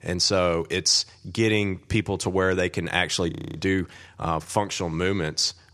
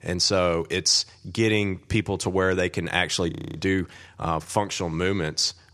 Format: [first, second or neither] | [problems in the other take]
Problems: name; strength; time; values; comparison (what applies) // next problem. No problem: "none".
neither | audio freezing; at 3.5 s; the same in both